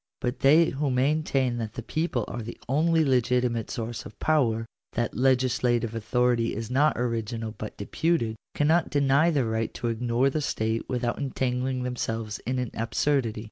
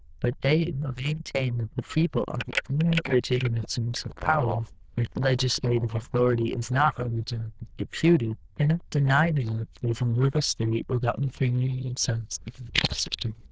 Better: first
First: none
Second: noise reduction (neural diffusion model UNIVERSE++)

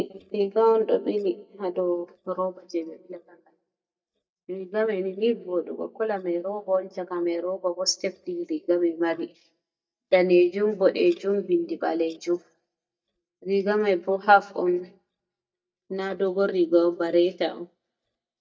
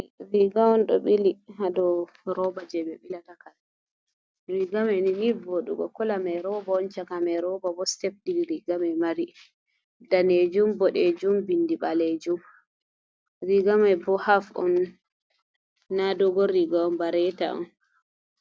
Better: second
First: noise reduction (neural mask model DeepFilterNet 3)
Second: none

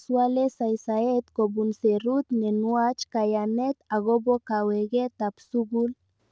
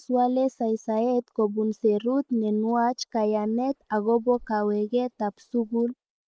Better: first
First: none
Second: noise reduction (neural mask model Resemble Enhance denoiser)

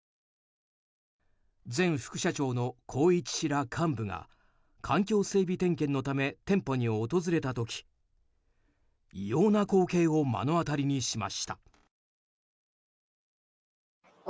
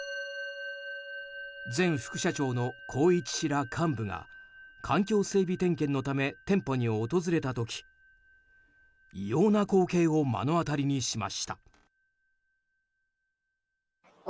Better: first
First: none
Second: background sound (Musical instrument); 17 dB below the speech

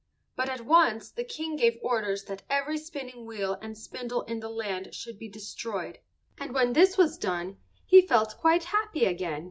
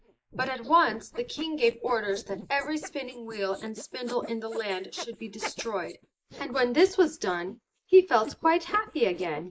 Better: first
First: none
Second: noise reduction (neural mask model Resemble Enhance denoiser)

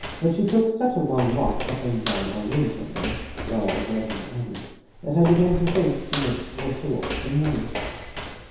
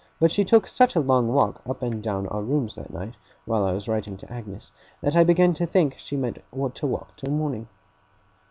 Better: second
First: background sound (Walk, footsteps); 7 dB below the speech // room echo; dies away in 1 s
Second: none

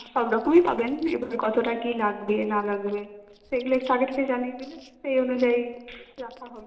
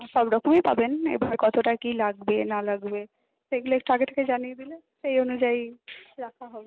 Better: second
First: noise reduction (neural separator model SepFormer DNS4)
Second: none

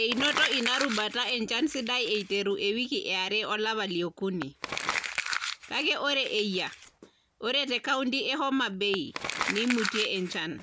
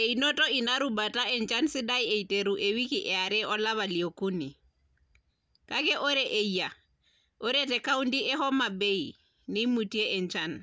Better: second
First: background sound (Crumpling, crinkling); 8 dB below the speech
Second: none

